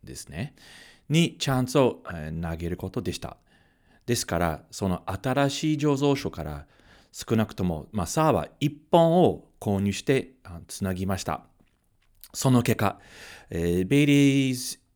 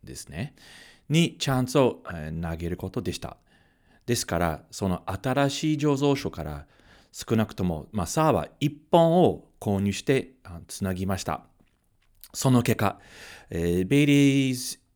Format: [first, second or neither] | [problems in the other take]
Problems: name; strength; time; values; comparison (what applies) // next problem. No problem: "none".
neither | none